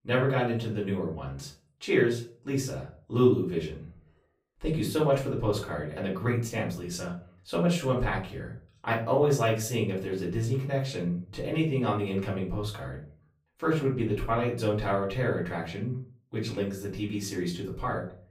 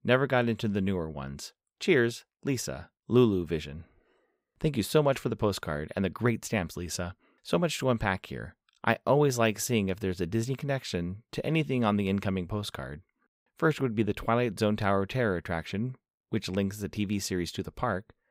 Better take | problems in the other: second | off-mic speech; far // room echo; slight; dies away in 0.4 s

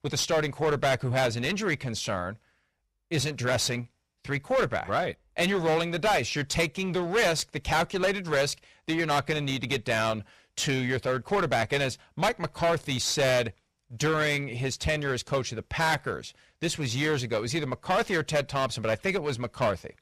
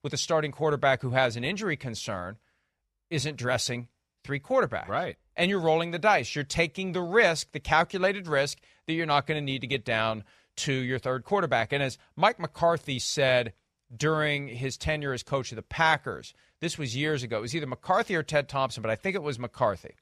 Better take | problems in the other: second | distortion; heavy; 12% of the sound clipped

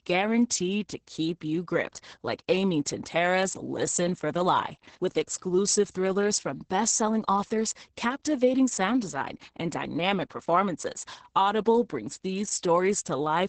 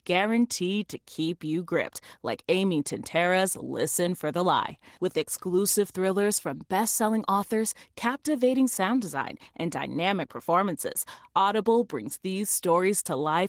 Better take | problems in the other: second | garbled, watery; badly; nothing above 8 kHz; slightly in the second

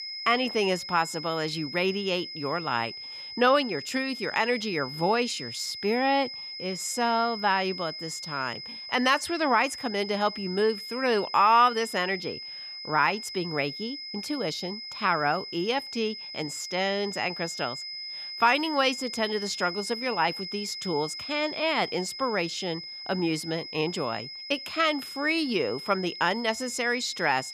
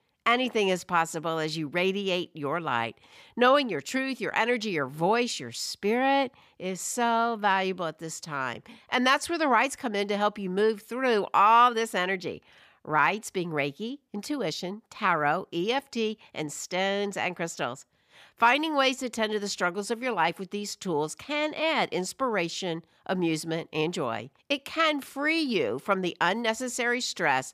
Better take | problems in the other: second | high-pitched whine; loud; throughout; 5 kHz, 9 dB below the speech

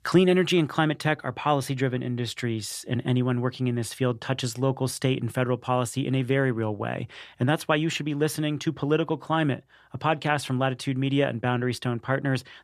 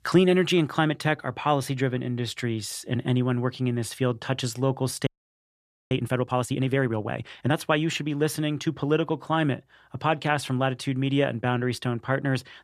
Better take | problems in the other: first | audio freezing; at 5 s for 1 s

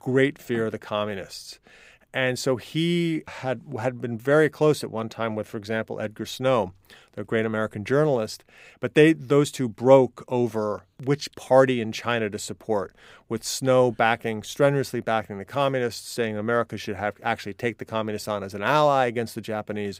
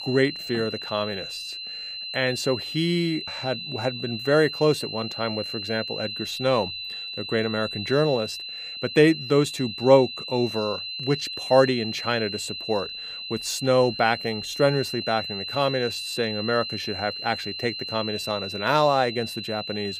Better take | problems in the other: first | high-pitched whine; loud; throughout; 4 kHz, 6 dB below the speech

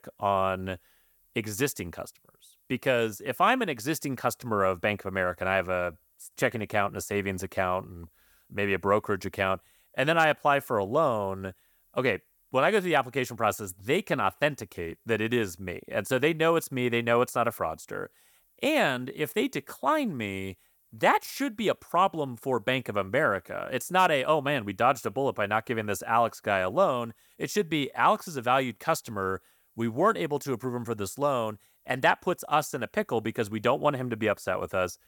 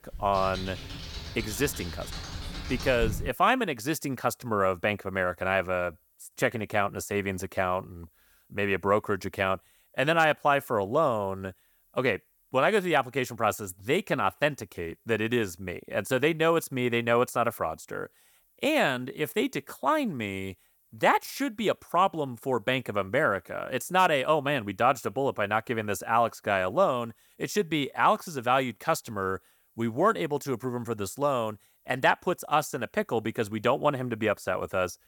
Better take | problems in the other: first | keyboard typing; noticeable; until 3.5 s; peak 7 dB below the speech

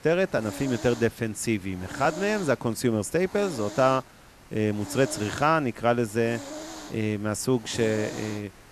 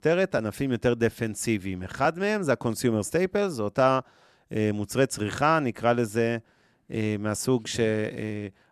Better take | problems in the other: second | hiss; noticeable; throughout; 15 dB below the speech

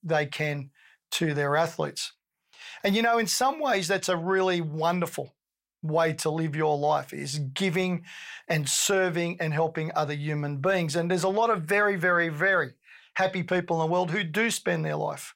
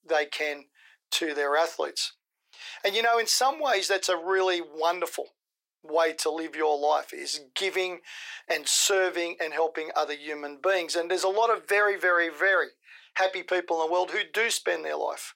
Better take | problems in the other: first | thin; very; fading below 350 Hz

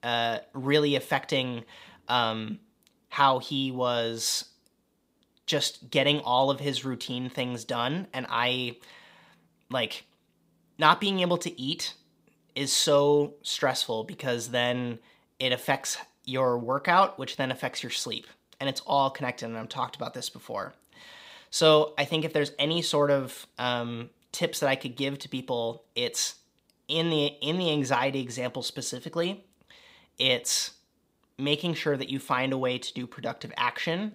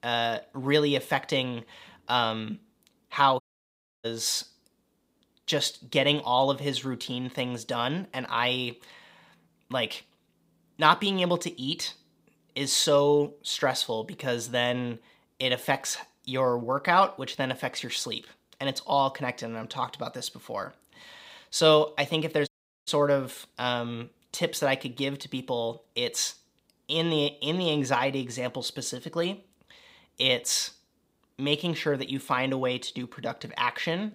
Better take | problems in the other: first | audio cutting out; at 3.5 s for 0.5 s and at 22 s

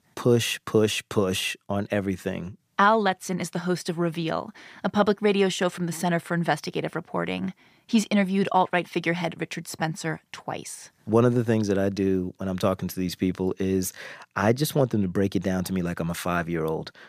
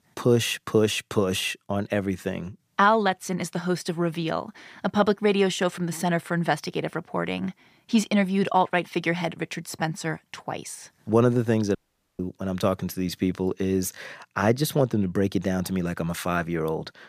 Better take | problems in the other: first | audio cutting out; at 12 s

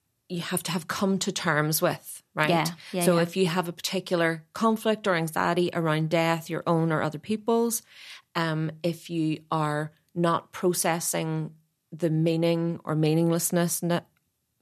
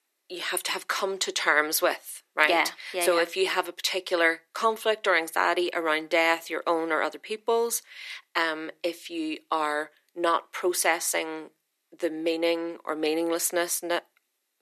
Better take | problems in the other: first | thin; very; fading below 350 Hz

